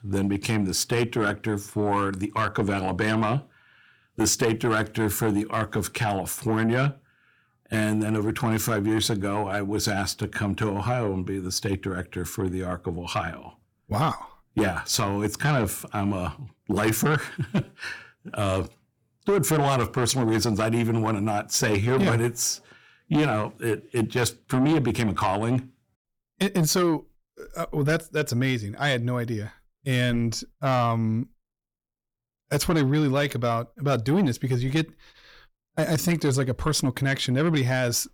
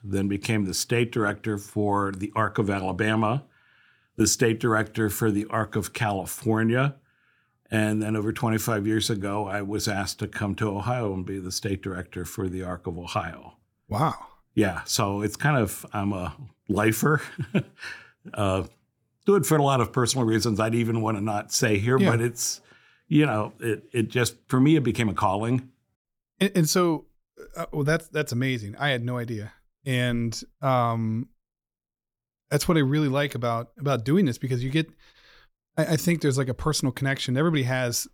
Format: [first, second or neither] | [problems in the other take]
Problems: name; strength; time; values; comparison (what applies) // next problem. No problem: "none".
second | distortion; slight; 10 dB below the speech